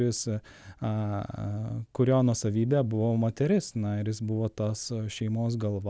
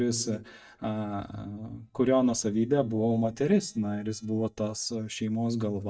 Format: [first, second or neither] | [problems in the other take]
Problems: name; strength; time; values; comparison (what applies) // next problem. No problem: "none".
first | noise reduction (neural mask model DeepFilterNet 3)